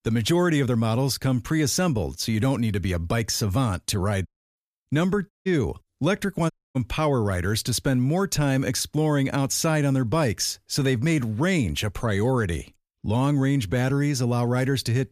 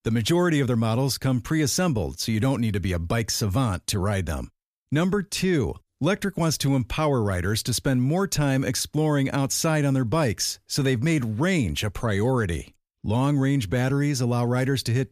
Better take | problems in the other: second | audio cutting out; at 4.5 s, at 5.5 s and at 6.5 s

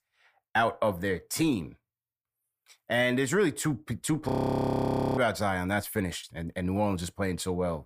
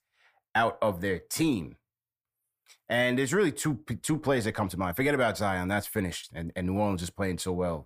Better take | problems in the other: second | audio freezing; at 4.5 s for 1 s

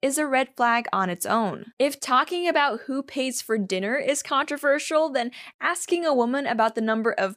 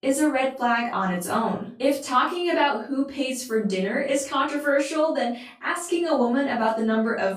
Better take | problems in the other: first | off-mic speech; far // room echo; slight; dies away in 0.3 s

